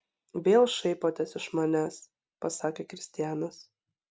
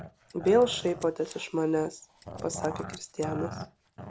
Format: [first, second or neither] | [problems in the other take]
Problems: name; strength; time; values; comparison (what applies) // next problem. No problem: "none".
first | background sound (Growling + Scissors); 12 dB below the speech